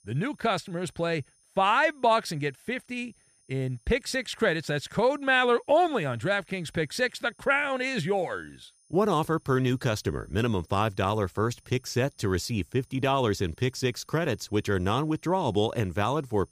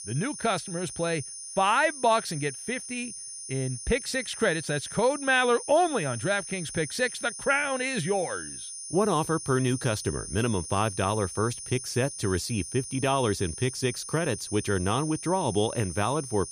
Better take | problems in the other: first | high-pitched whine; loud; throughout; 9.5 kHz, 9 dB below the speech; faint in the first

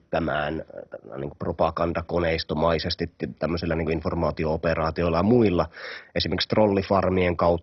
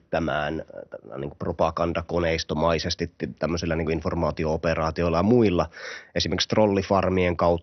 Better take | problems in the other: second | garbled, watery; badly; nothing above 5.5 kHz; slightly in the second

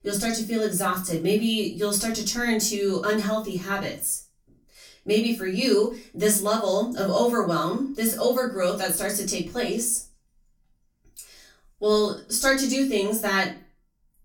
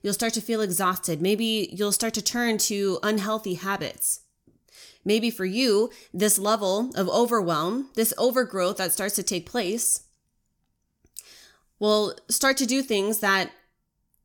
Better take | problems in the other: second | off-mic speech; far // room echo; very slight; dies away in 0.3 s

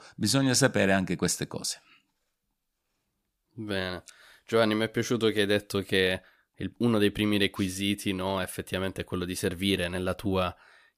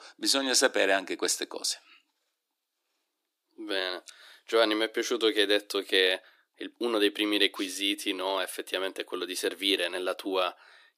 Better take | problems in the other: first | thin; somewhat; fading below 300 Hz

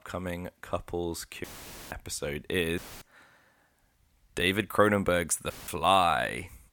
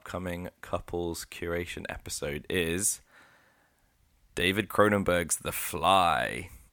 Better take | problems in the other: second | audio cutting out; filled with static; at 1.5 s, at 3 s and at 5.5 s

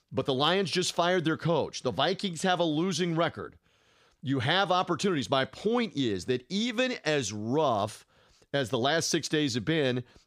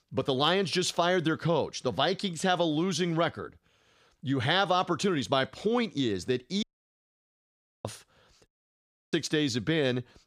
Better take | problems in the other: first | audio cutting out; at 6.5 s for 1 s and at 8.5 s for 0.5 s

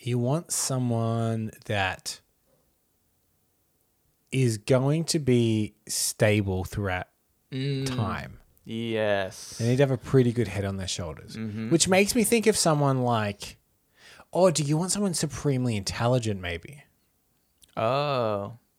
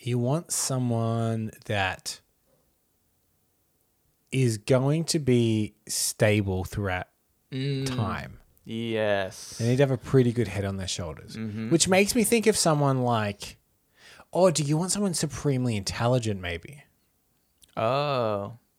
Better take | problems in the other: neither | none

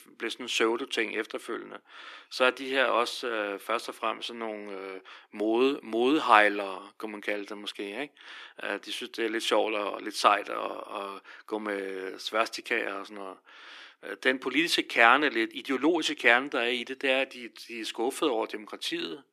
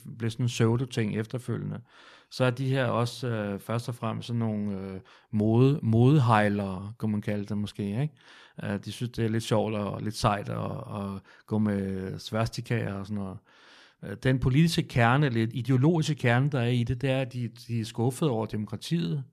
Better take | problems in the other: second | thin; very; fading below 300 Hz

